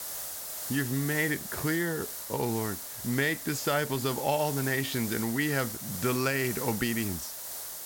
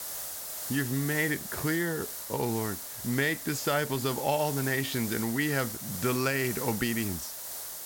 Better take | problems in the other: neither | hiss; loud; throughout; 5 dB below the speech; the same in both

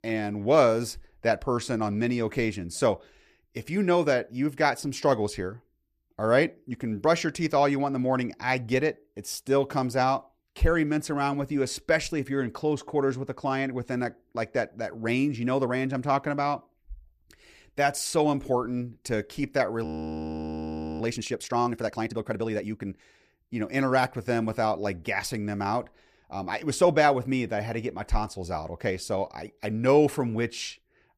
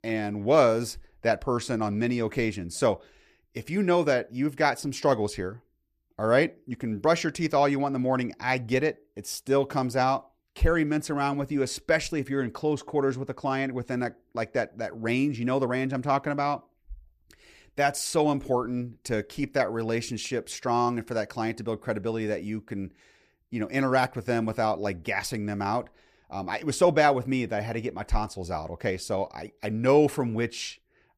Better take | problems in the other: second | audio freezing; at 20 s for 1 s

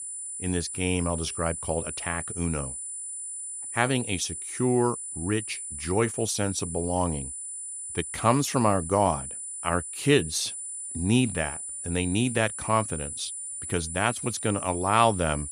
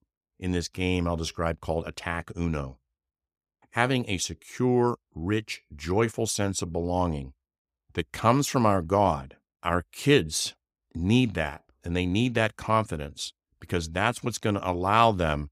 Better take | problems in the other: second | high-pitched whine; loud; throughout; 9.5 kHz, 6 dB below the speech

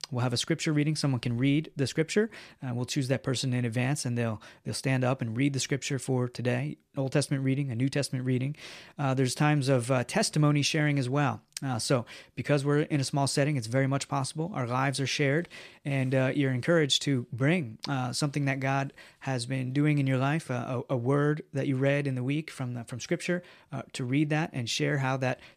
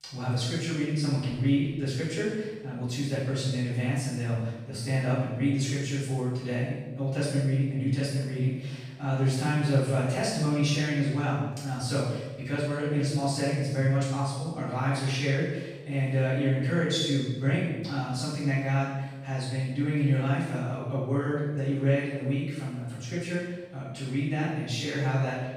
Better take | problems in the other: first | room echo; strong; dies away in 1 s // off-mic speech; far

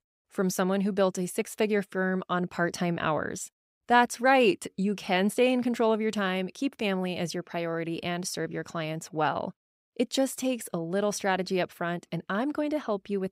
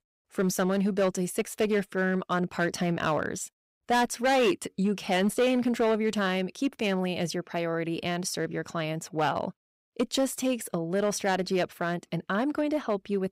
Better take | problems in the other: first | distortion; slight; 5% of the sound clipped

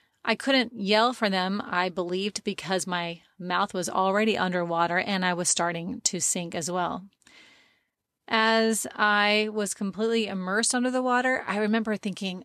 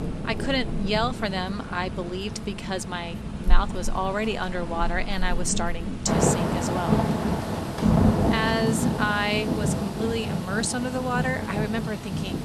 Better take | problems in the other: first | rain or running water; very loud; throughout; 1 dB above the speech

